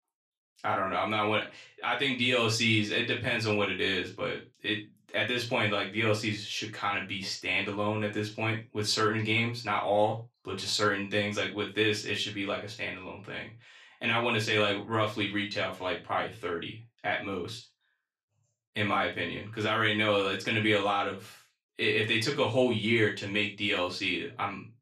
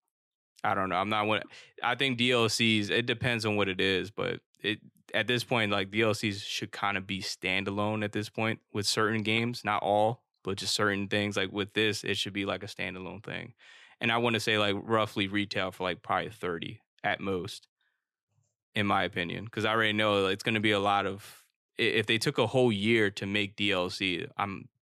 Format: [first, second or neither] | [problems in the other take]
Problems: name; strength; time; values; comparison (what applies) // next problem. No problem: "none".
second | room echo; slight; dies away in 0.2 s // off-mic speech; far